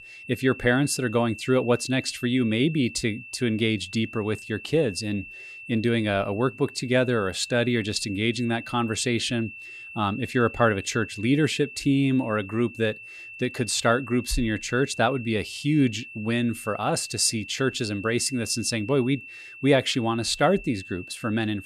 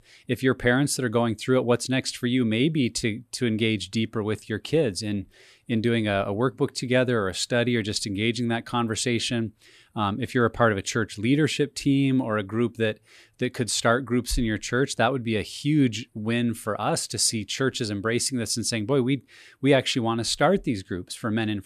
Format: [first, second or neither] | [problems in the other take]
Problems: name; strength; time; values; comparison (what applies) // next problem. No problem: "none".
second | high-pitched whine; noticeable; throughout; 2.5 kHz, 15 dB below the speech